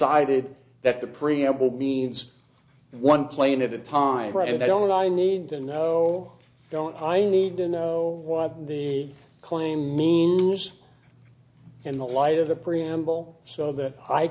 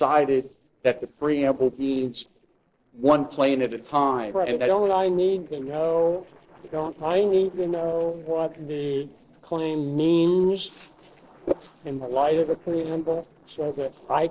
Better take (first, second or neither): first